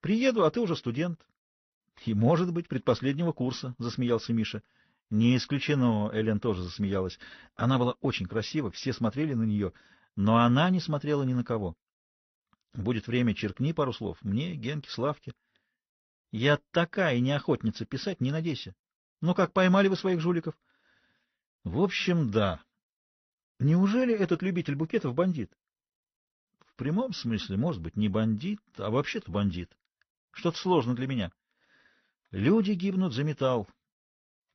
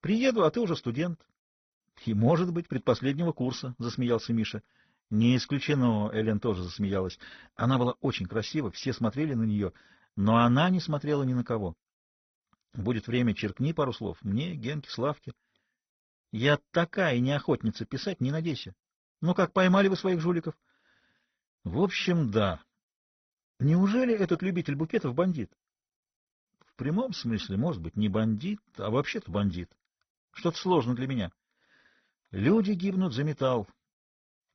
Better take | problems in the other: first | garbled, watery; badly; nothing above 6 kHz; slightly in the first

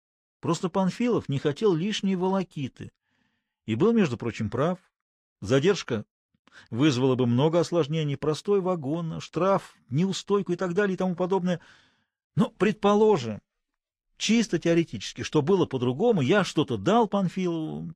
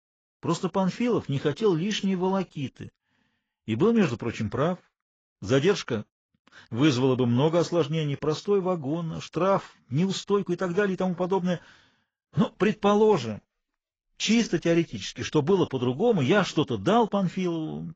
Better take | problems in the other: first | garbled, watery; badly; nothing above 7.5 kHz

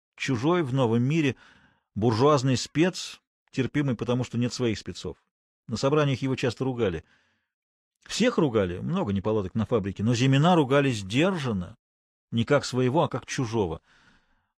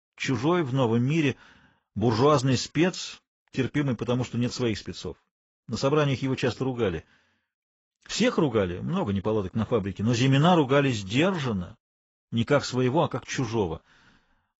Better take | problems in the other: first | garbled, watery; badly; nothing above 7.5 kHz

